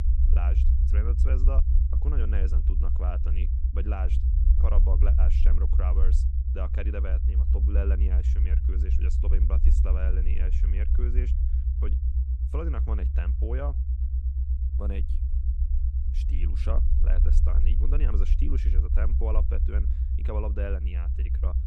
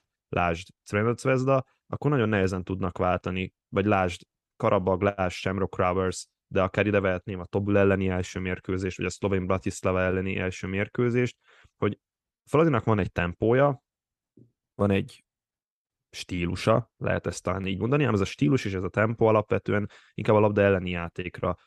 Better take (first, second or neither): second